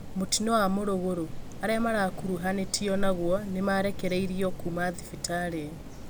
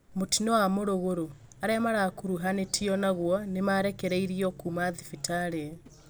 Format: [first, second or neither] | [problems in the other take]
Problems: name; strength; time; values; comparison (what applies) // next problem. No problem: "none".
second | background sound (Rain); 6 dB below the speech